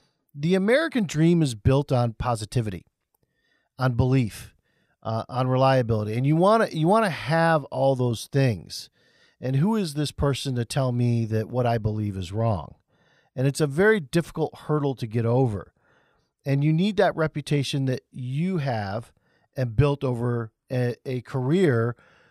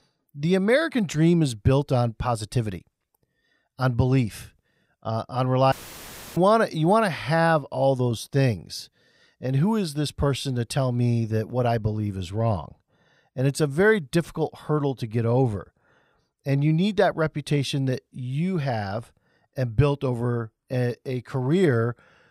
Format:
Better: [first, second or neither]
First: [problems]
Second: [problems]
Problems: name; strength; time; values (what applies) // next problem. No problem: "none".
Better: first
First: none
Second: audio cutting out; filled with static; at 5.5 s for 0.5 s